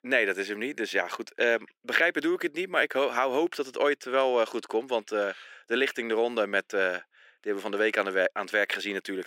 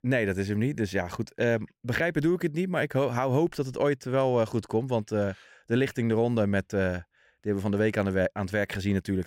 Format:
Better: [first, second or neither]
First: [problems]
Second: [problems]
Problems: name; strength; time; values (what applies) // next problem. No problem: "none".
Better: second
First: thin; somewhat; fading below 300 Hz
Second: none